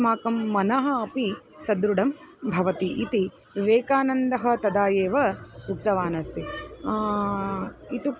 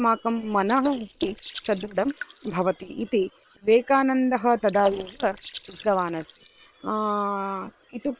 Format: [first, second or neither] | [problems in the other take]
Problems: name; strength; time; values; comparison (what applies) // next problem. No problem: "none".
first | noise reduction (neural separator model SepFormer WHAM!)